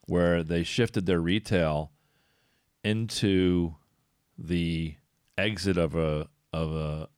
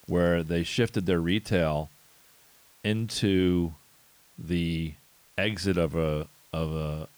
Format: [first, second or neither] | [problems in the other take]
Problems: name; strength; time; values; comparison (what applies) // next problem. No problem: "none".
first | hiss; faint; throughout; 30 dB below the speech